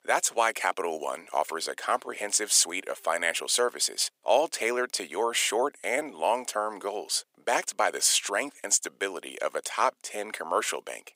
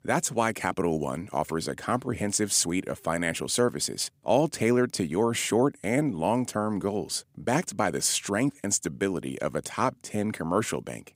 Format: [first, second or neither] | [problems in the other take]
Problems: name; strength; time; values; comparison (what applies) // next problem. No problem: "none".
second | thin; very; fading below 500 Hz